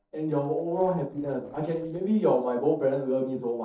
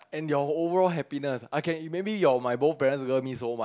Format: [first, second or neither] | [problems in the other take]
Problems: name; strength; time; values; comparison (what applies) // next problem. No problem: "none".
second | noise reduction (neural separator model SepFormer DNS4)